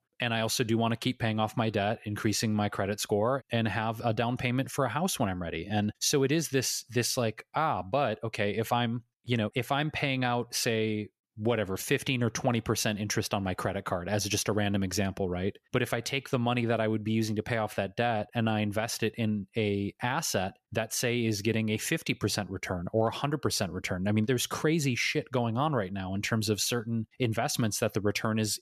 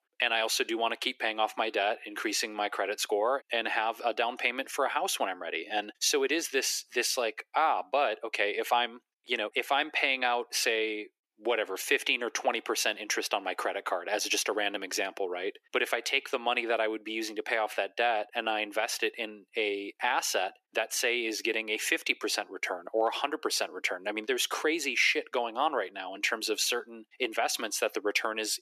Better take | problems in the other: first | thin; very; fading below 300 Hz

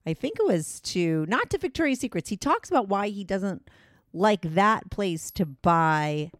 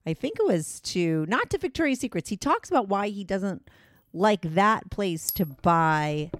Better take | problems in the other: first | household noises; loud; from 4.5 s on; 7 dB below the speech; faint in the first

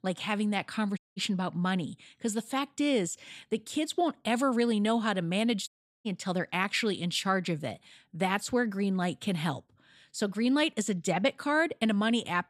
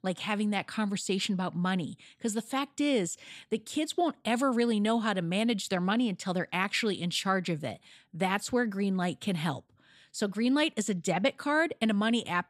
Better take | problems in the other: second | audio cutting out; at 1 s and at 5.5 s

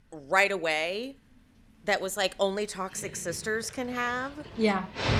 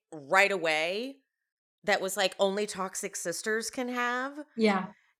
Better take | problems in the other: second | animal sounds; noticeable; throughout; 10 dB below the speech

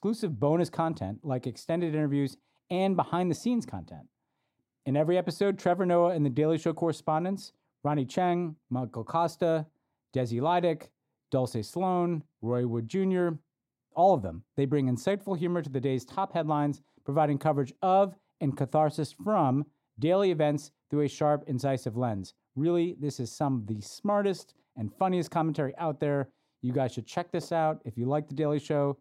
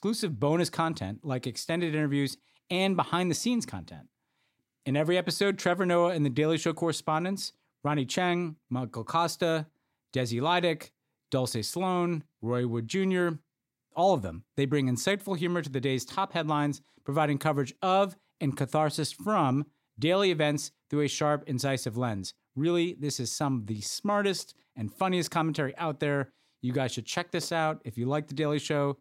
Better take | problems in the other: second | muffled; slightly; fading above 1 kHz

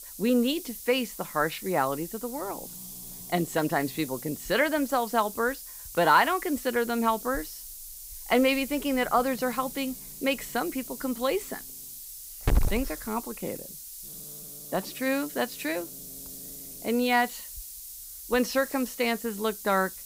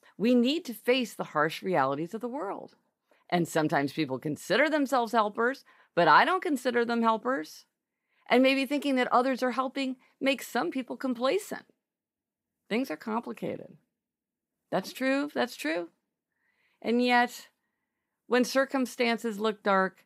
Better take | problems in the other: second | hiss; noticeable; throughout; 10 dB below the speech

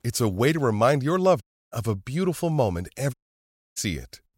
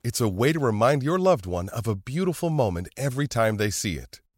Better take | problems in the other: second | audio cutting out; at 1.5 s and at 3 s for 0.5 s

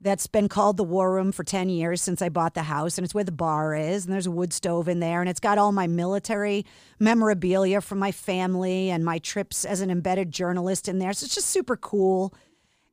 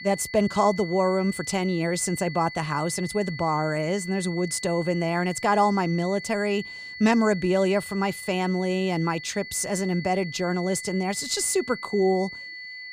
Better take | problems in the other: first | high-pitched whine; noticeable; throughout; 2 kHz, 10 dB below the speech

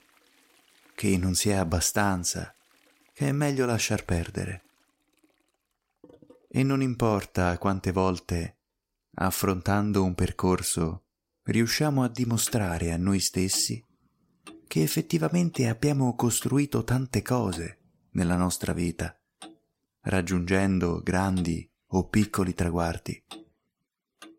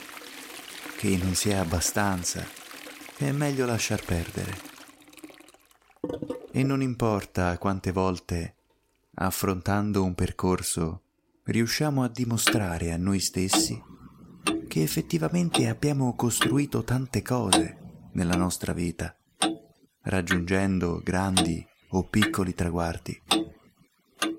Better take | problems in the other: first | household noises; loud; throughout; 4 dB below the speech; faint in the first

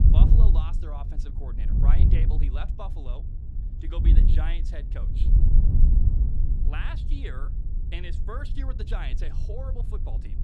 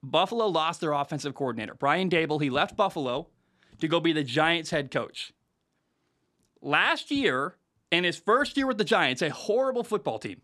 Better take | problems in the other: second | wind noise on the microphone; heavy; 2 dB below the speech

